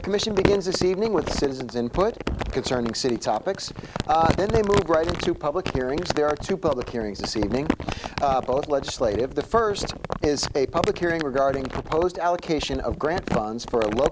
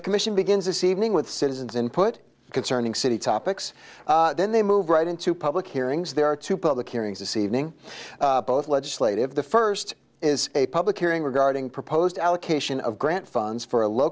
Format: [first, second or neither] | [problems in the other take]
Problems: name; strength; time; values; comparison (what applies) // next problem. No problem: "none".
second | background sound (Crumpling, crinkling); 6 dB below the speech